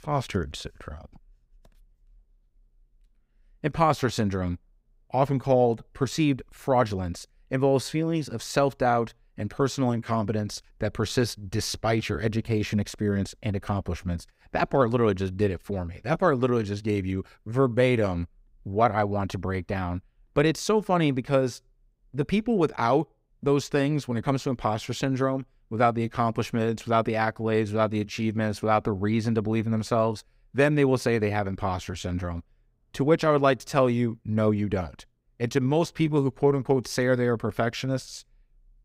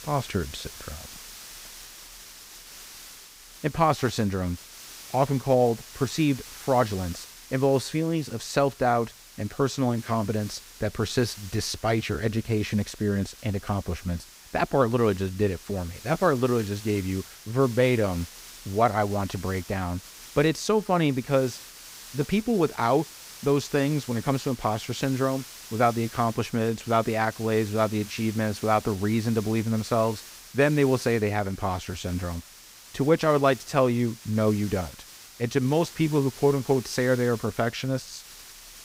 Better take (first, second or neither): first